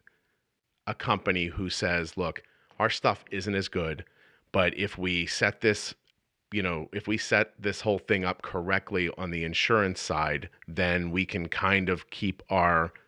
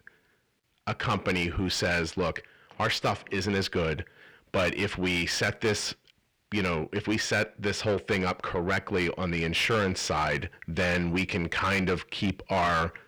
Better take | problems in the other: first | distortion; heavy; 6 dB below the speech

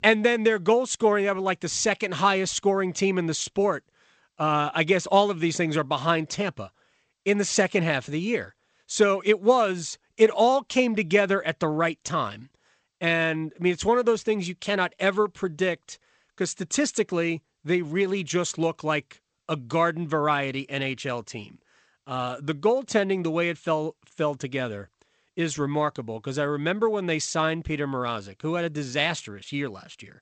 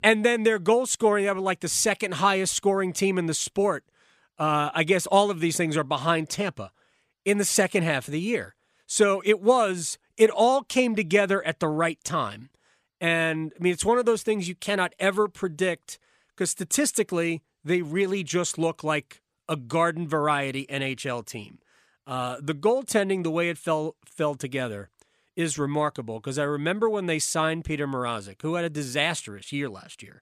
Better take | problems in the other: second | garbled, watery; slightly; nothing above 8 kHz

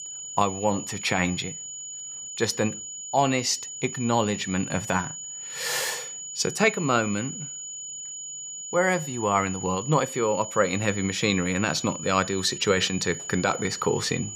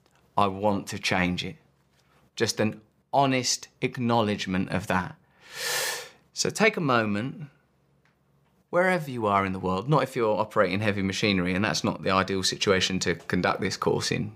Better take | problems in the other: second | high-pitched whine; loud; throughout; 7 kHz, 8 dB below the speech

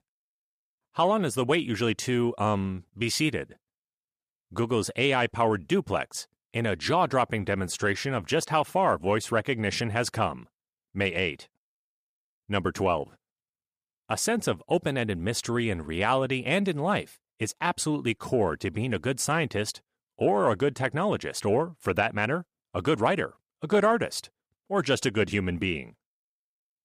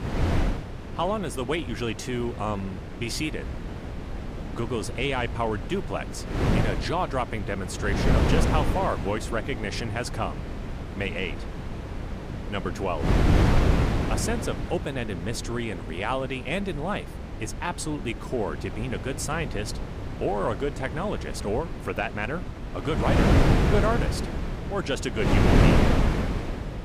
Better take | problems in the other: first | wind noise on the microphone; heavy; 3 dB below the speech

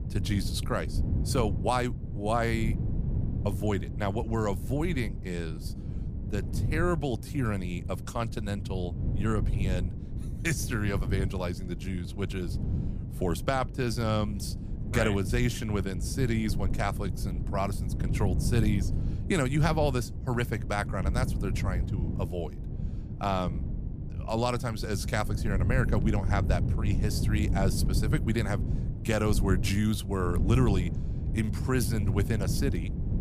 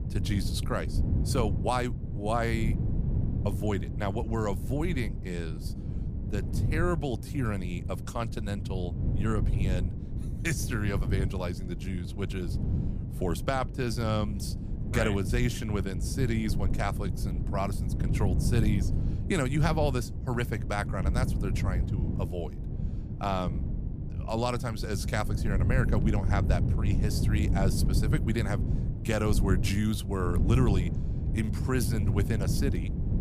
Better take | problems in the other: first | wind noise on the microphone; heavy; 9 dB below the speech; occasional gusts in the first

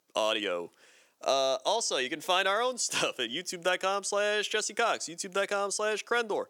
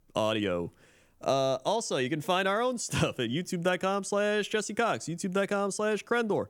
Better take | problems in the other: second | thin; somewhat; fading below 450 Hz

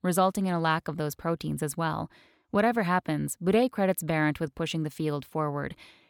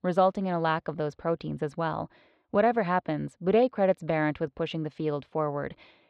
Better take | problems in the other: first | muffled; slightly; fading above 4 kHz

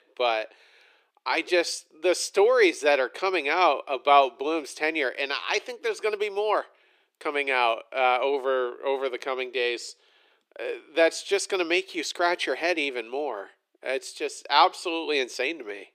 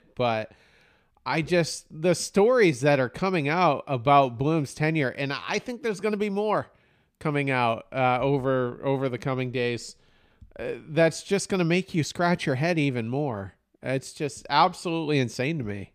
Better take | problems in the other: second | thin; very; fading below 350 Hz

